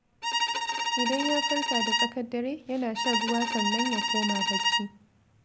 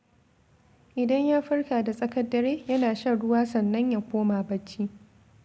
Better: second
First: background sound (Bowed string instrument); 3 dB above the speech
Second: none

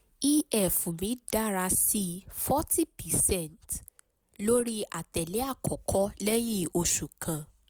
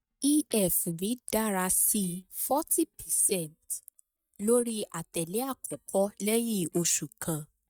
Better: first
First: none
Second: noise reduction (neural mask model DeepFilterNet 3)

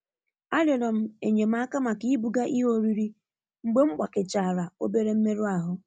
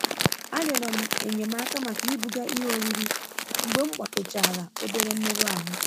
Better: first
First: none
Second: background sound (Crumpling, crinkling); 2 dB above the speech

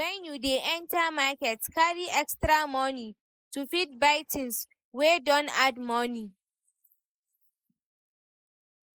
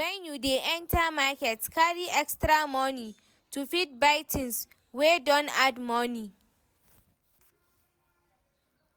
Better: second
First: noise reduction (neural mask model Resemble Enhance denoiser)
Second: none

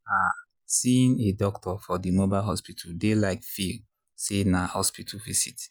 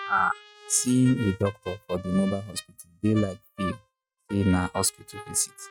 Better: first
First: none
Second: noise reduction (neural mask model RNNoise)

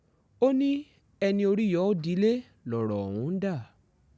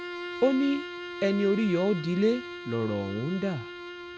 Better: first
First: none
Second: background sound (Bowed string instrument); 10 dB below the speech

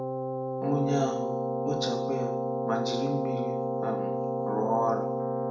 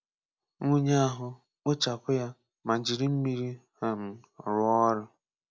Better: second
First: background sound (Keyboard (musical)); 3 dB above the speech // room echo; dies away in 0.6 s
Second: none

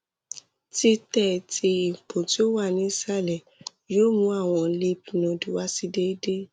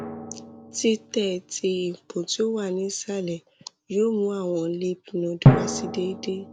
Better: first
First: none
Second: background sound (Drum); as loud as the speech

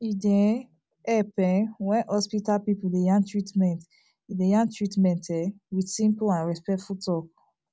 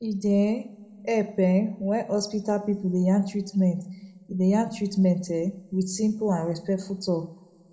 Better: first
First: none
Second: room echo; dies away in 1.2 s

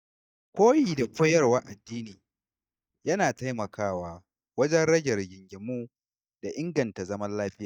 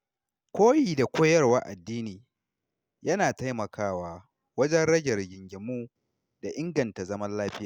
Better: second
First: noise reduction (neural mask model DeepFilterNet 3)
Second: none

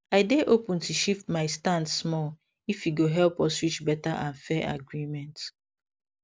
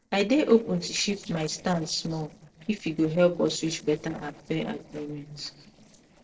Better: first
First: none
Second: noise reduction (neural separator model SepFormer DNS4)

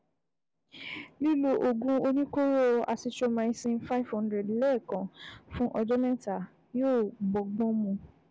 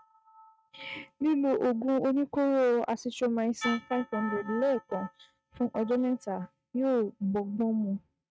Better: first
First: none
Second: noise reduction (neural mask model RNNoise)

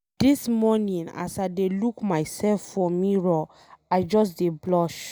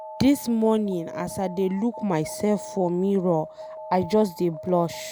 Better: first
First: none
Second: background sound (Alarm); 15 dB below the speech

